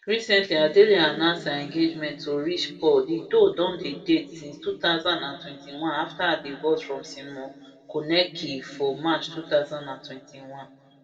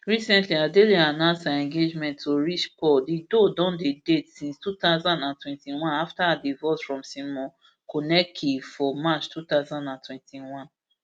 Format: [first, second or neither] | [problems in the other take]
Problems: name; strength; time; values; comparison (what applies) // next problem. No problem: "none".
second | room echo; dies away in 1.5 s